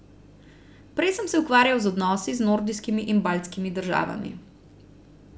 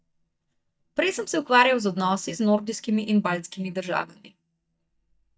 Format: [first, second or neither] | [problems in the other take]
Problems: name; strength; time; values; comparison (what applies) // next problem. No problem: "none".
first | noise reduction (neural mask model DeepFilterNet 3)